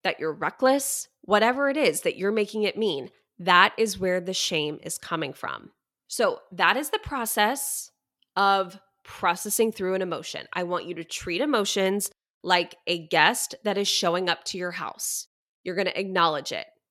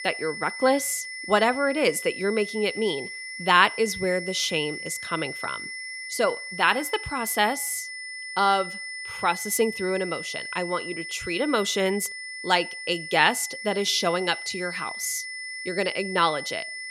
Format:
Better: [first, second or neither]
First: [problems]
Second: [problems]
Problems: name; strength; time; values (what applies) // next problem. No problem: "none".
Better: first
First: none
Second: high-pitched whine; loud; throughout; 2 kHz, 8 dB below the speech